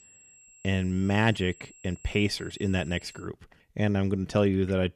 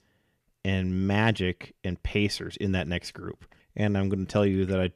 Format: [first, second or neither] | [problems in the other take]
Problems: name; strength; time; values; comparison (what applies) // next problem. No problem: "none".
second | high-pitched whine; faint; until 3 s; 7.5 kHz, 25 dB below the speech